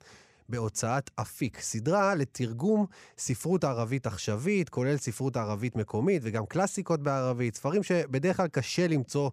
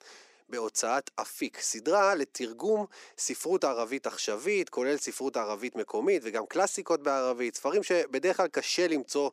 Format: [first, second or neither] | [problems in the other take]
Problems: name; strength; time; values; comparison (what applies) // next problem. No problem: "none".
first | thin; somewhat; fading below 300 Hz